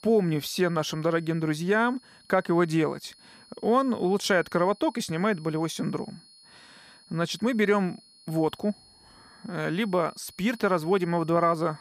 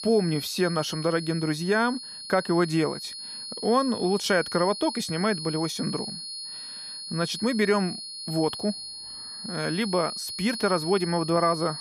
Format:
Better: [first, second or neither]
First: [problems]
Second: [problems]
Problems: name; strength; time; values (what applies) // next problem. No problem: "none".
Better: first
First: high-pitched whine; faint; throughout; 4.5 kHz, 25 dB below the speech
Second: high-pitched whine; loud; throughout; 4.5 kHz, 8 dB below the speech